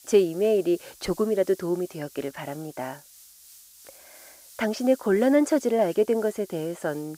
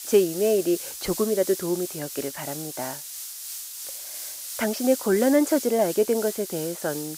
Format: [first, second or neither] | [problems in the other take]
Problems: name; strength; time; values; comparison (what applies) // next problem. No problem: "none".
first | hiss; loud; throughout; 8 dB below the speech; faint in the first